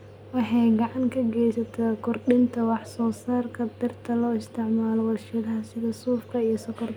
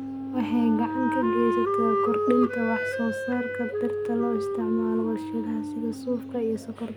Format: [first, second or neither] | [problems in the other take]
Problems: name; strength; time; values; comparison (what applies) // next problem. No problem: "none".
first | background sound (Wind instrument, woodwind instrument); 1 dB below the speech